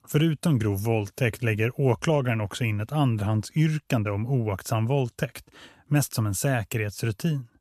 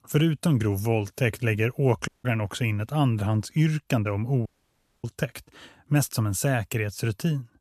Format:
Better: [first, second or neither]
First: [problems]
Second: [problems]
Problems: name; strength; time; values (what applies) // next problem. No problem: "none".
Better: first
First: none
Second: audio cutting out; at 2 s and at 4.5 s for 0.5 s